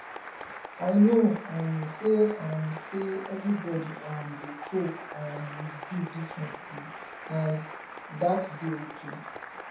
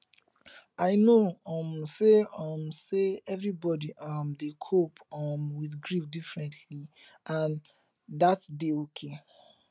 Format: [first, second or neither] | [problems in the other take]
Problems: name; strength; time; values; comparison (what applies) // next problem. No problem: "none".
second | background sound (Applause); 12 dB below the speech // room echo; dies away in 0.7 s